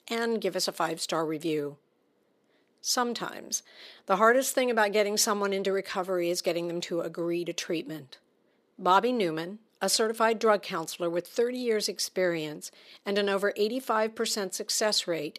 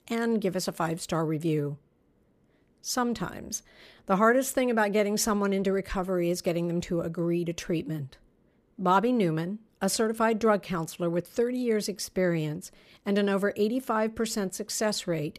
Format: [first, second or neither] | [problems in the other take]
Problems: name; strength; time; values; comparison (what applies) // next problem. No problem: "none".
second | thin; somewhat; fading below 300 Hz